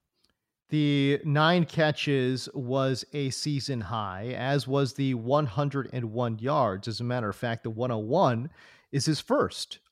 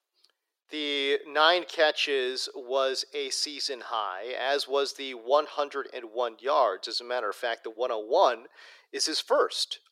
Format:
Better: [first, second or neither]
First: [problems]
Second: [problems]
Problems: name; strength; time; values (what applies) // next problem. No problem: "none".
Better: first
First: none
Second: thin; very; fading below 400 Hz